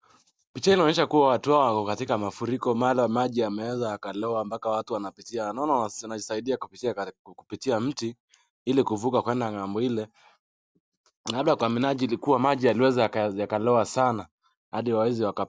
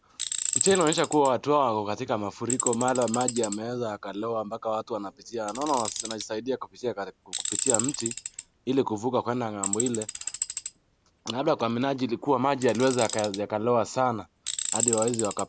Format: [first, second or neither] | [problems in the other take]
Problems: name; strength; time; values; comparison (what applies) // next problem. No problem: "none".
first | background sound (Tools); 4 dB below the speech